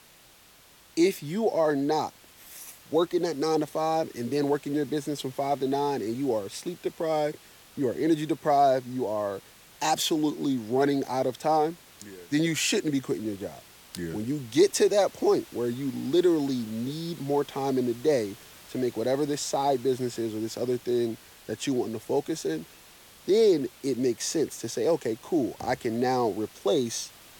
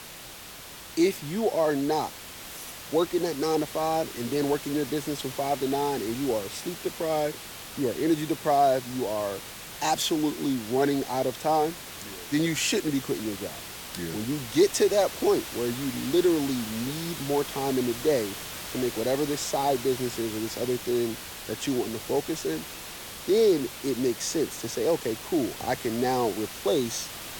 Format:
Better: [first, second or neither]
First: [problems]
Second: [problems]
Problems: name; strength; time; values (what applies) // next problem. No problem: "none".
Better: first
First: hiss; faint; throughout; 20 dB below the speech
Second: hiss; loud; throughout; 10 dB below the speech